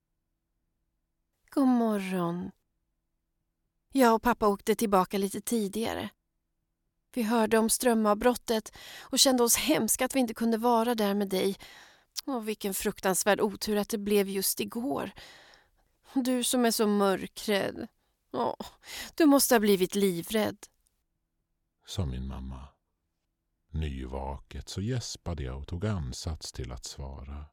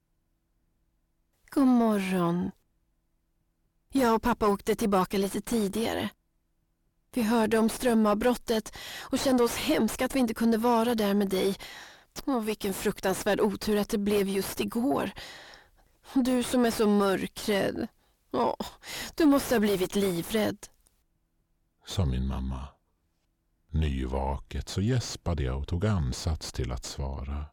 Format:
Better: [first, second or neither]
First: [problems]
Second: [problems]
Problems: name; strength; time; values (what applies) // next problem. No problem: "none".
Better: first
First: none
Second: distortion; heavy; 6 dB below the speech